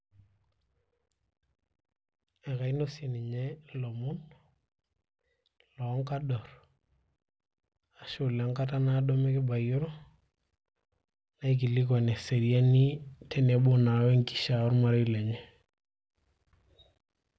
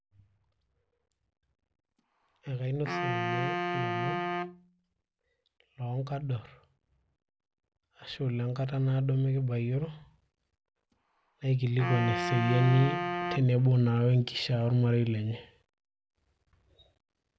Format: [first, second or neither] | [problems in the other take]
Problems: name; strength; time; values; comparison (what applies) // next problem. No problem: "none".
first | background sound (Wind instrument, woodwind instrument); 4 dB below the speech